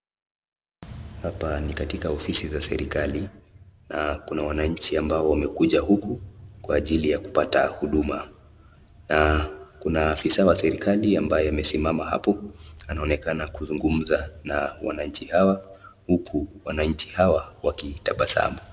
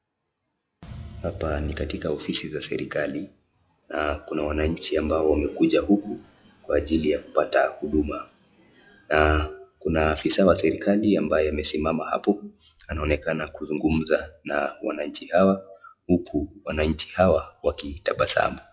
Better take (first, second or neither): first